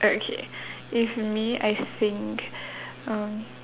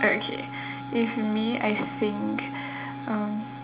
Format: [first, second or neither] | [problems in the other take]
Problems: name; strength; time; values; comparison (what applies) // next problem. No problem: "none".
first | background sound (Wind instrument, woodwind instrument); 9 dB below the speech // room echo; dies away in 0.4 s